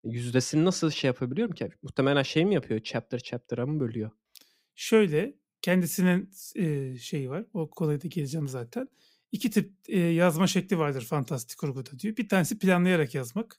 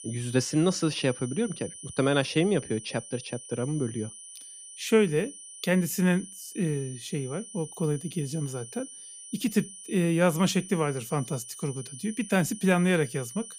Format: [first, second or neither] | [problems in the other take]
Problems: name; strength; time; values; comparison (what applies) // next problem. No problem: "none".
first | high-pitched whine; noticeable; throughout; 9.5 kHz, 15 dB below the speech